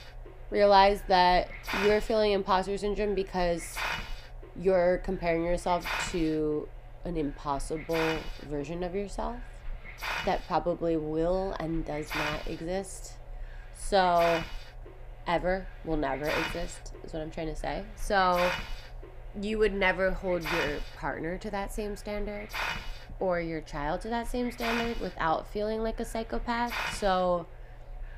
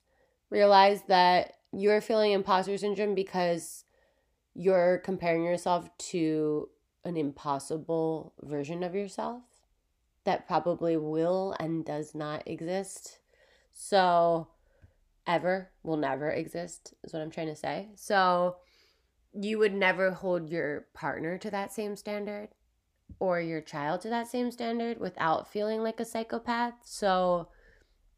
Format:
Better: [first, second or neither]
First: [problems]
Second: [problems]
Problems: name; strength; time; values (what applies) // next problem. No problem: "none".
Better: second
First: hiss; loud; throughout; 9 dB below the speech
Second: none